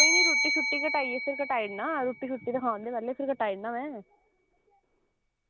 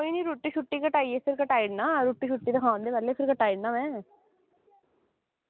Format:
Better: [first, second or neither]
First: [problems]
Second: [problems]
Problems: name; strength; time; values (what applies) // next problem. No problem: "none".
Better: second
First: background sound (Bell); 2 dB above the speech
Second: none